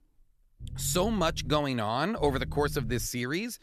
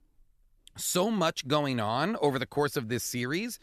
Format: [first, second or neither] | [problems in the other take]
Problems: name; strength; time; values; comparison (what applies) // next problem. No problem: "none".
second | low rumble; faint; at 0.5 s and at 2 s; 20 dB below the speech